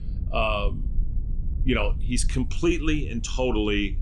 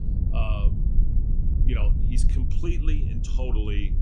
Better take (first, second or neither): first